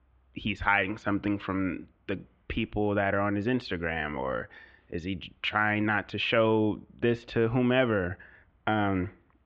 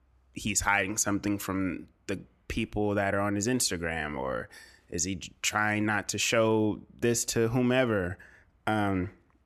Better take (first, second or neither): second